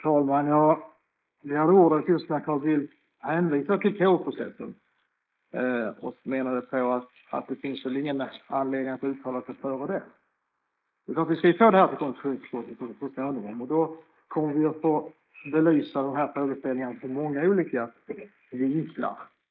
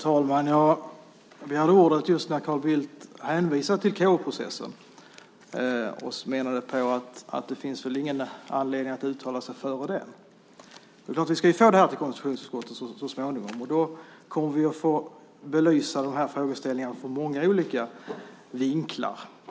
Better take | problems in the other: second | noise reduction (neural mask model Resemble Enhance denoiser)

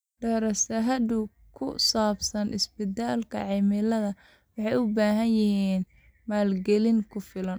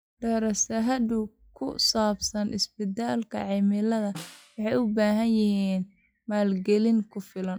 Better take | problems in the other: first | noise reduction (classical method log-MMSE)

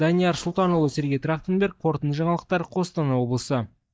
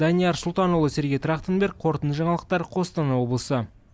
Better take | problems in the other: second | noise reduction (neural mask model DeepFilterNet 3)

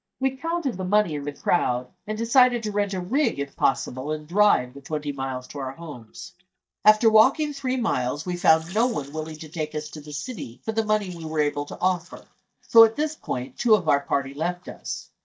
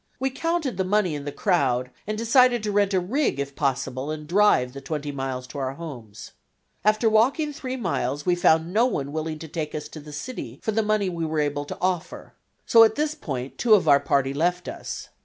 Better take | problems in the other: second | noise reduction (neural mask model DeepFilterNet 3)

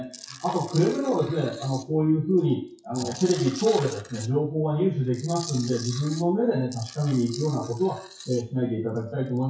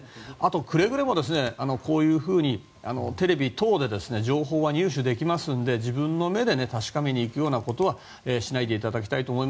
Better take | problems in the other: second | noise reduction (classical method WPE with log-MMSE)

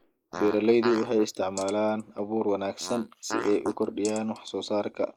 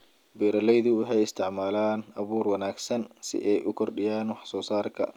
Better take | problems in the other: second | noise reduction (neural mask model Resemble Enhance denoiser)

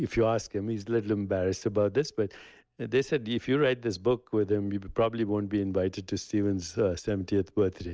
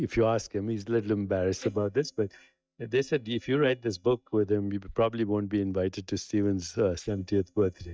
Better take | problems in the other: first | noise reduction (neural mask model DeepFilterNet 3)

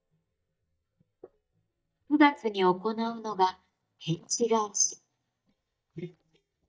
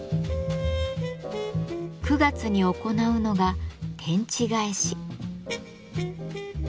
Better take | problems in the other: second | noise reduction (neural mask model DeepFilterNet 3)

